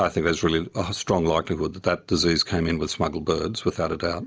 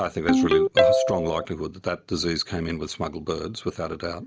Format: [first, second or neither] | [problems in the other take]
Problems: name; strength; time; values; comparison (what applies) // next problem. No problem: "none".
first | background sound (Ringtone); 3 dB above the speech